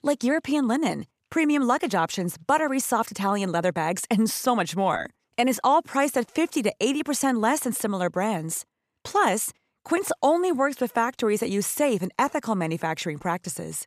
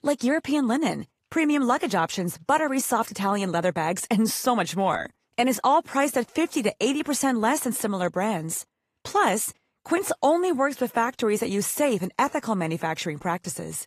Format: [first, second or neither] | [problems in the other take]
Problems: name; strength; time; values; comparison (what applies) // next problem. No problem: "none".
first | garbled, watery; slightly; nothing above 14.5 kHz